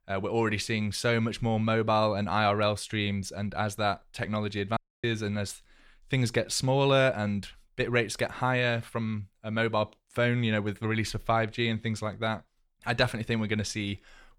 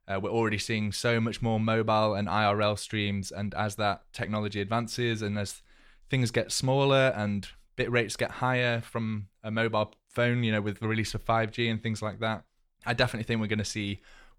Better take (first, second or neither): second